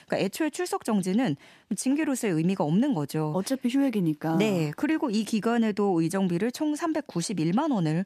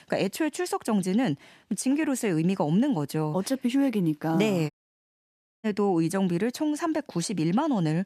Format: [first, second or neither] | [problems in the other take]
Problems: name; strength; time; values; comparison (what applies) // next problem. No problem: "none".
first | audio cutting out; at 4.5 s for 1 s